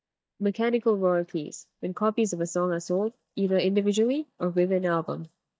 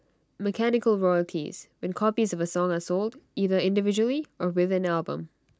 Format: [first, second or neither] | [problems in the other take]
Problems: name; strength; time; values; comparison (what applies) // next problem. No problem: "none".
second | noise reduction (neural mask model DeepFilterNet 3)